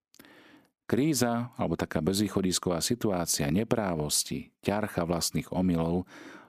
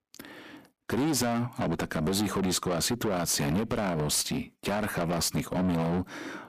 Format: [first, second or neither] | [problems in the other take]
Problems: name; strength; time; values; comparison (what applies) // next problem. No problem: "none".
first | distortion; heavy; 6 dB below the speech